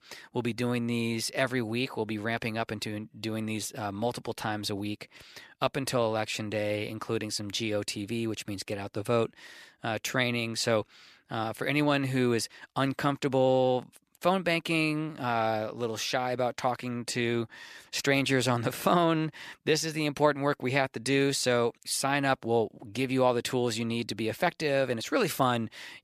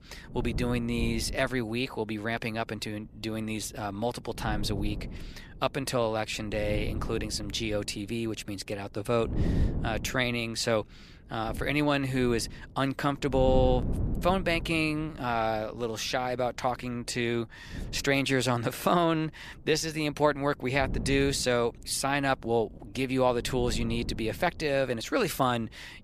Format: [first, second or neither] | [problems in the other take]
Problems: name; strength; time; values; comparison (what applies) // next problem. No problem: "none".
first | wind noise on the microphone; occasional gusts; 15 dB below the speech